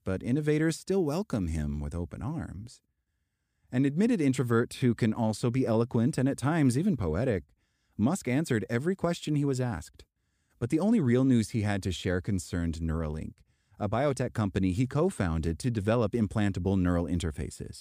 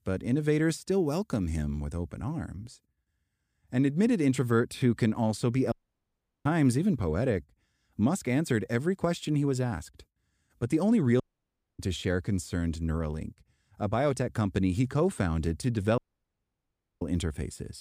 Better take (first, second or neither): first